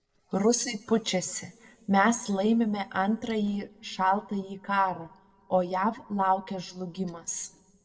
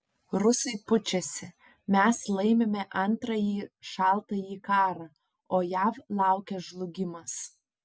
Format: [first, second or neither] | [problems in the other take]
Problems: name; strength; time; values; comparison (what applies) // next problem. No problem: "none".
second | noise reduction (neural separator model SepFormer DNS4)